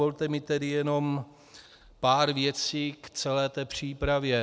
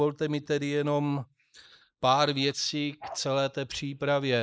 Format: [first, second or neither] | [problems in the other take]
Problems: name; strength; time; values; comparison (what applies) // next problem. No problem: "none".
first | noise reduction (neural mask model Resemble Enhance denoiser)